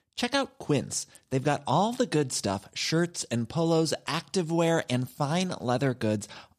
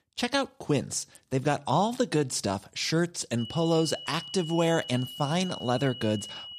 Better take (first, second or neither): first